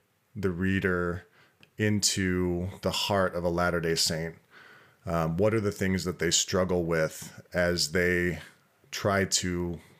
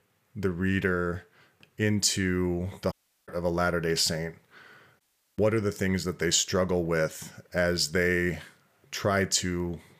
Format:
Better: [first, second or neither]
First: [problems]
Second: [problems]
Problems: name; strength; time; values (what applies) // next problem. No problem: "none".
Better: first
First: none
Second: audio cutting out; at 3 s and at 5 s